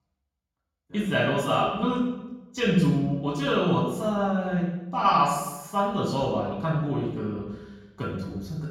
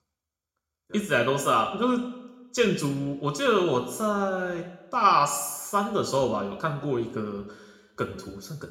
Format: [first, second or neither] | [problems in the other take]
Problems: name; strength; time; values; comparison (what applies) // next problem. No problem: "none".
second | room echo; strong; dies away in 1.3 s; slight in the second // off-mic speech; far; somewhat distant in the second